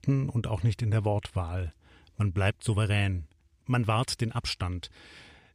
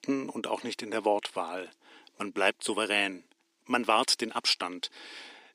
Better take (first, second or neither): first